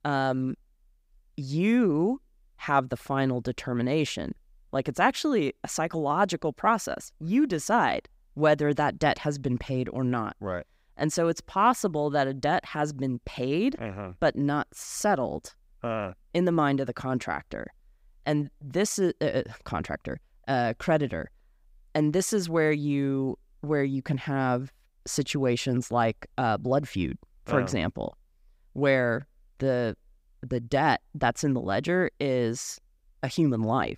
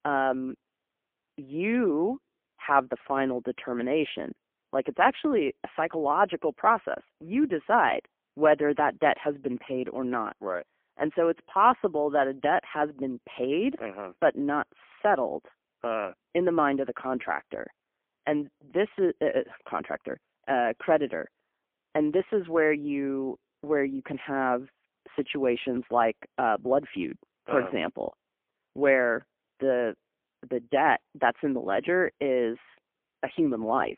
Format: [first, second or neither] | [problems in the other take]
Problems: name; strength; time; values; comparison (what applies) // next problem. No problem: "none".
first | phone-call audio; poor line; nothing above 3.5 kHz